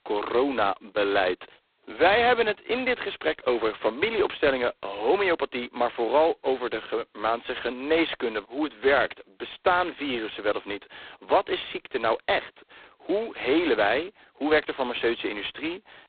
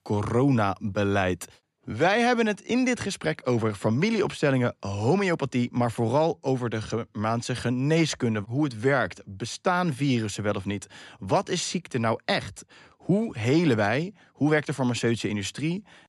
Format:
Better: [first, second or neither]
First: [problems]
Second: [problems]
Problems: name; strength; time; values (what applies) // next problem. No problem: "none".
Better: second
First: phone-call audio; poor line; nothing above 4 kHz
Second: none